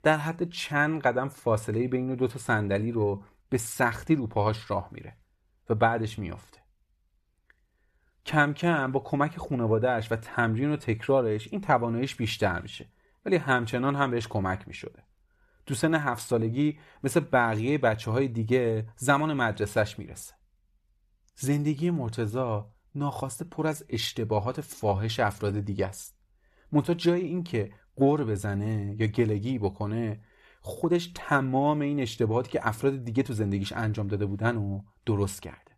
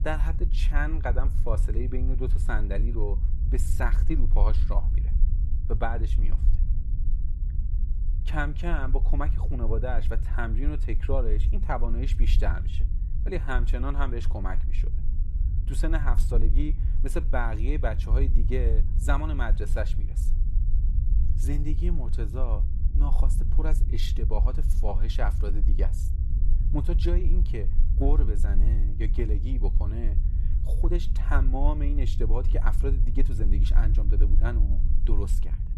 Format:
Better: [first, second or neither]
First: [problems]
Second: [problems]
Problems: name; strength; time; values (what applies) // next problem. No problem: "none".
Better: first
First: none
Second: low rumble; noticeable; throughout; 10 dB below the speech